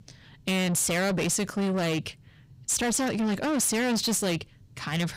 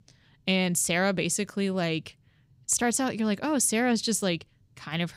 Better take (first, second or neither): second